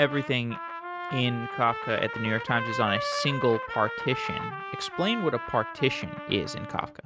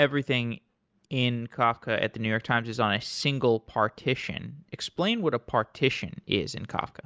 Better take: second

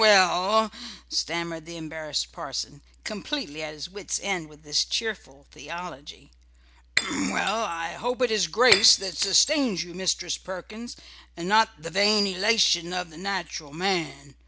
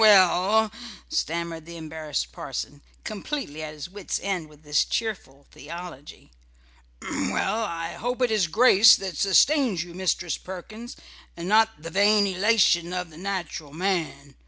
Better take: second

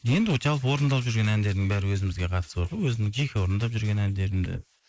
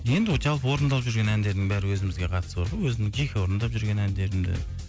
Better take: second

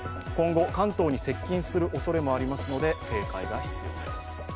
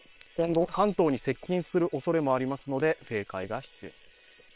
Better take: first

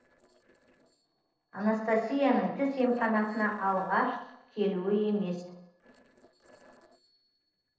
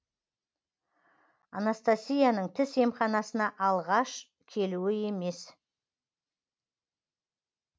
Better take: second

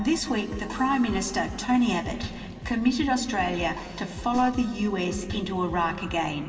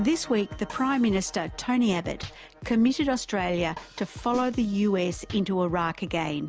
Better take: second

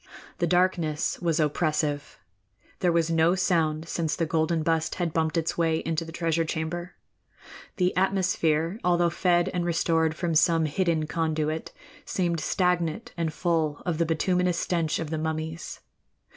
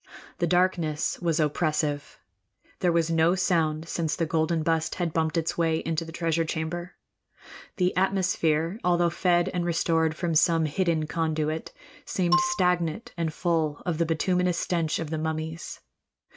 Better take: first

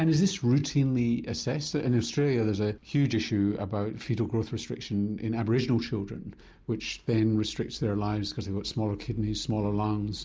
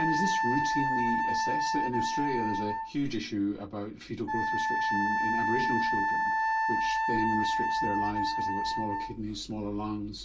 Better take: first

